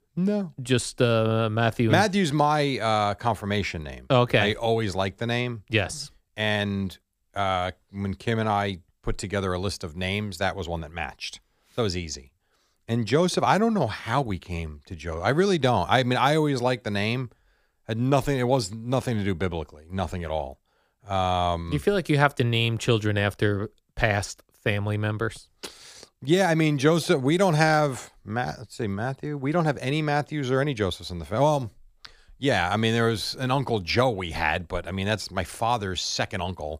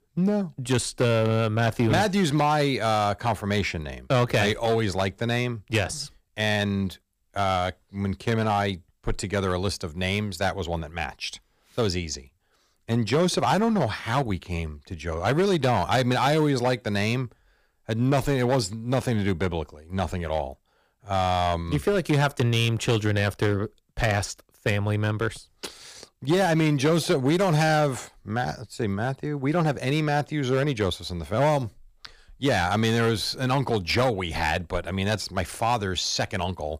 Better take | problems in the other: first | distortion; slight; 6% of the sound clipped

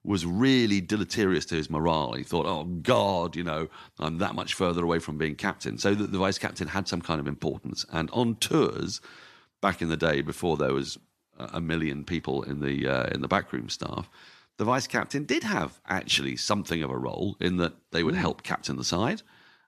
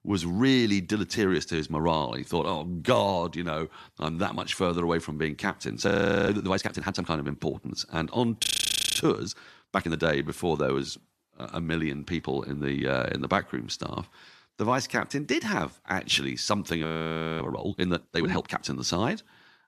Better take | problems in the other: first | audio freezing; at 6 s, at 8.5 s for 0.5 s and at 17 s for 0.5 s

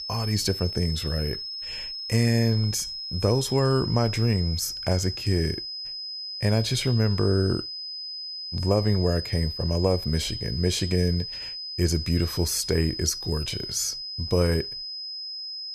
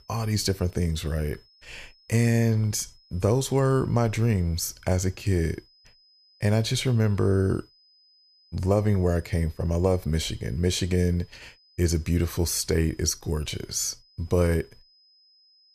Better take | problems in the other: second | high-pitched whine; loud; throughout; 5 kHz, 6 dB below the speech; faint in the second

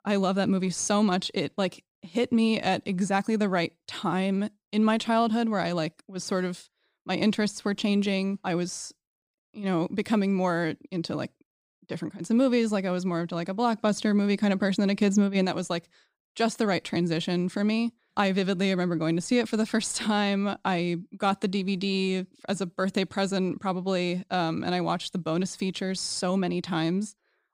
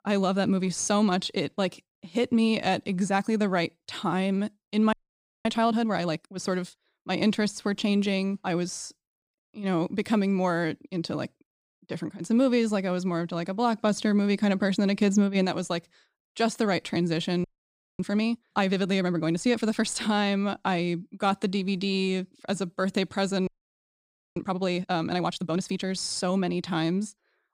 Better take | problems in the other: first | audio freezing; at 5 s for 0.5 s, at 17 s for 0.5 s and at 23 s for 1 s

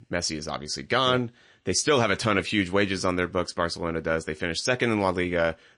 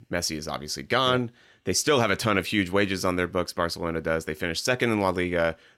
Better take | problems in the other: second | garbled, watery; slightly

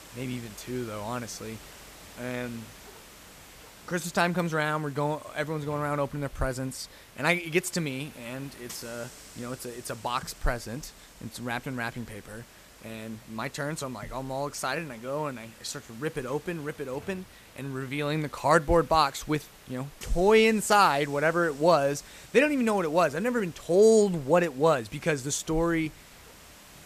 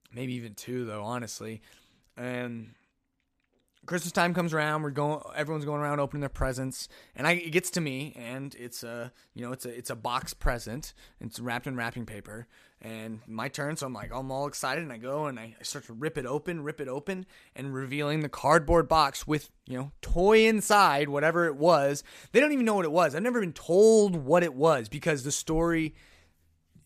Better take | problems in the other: second | hiss; faint; throughout; 20 dB below the speech

